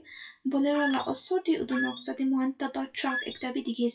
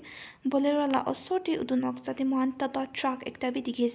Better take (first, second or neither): second